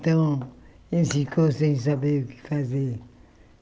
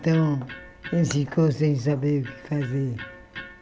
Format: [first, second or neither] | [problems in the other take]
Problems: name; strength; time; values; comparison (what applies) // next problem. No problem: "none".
first | background sound (Electric guitar); 19 dB below the speech